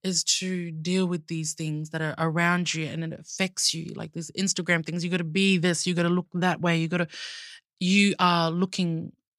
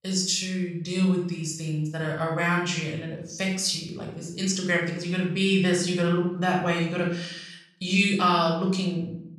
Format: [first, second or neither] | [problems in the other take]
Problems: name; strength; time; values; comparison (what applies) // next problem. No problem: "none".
first | off-mic speech; somewhat distant // room echo; noticeable; dies away in 0.6 s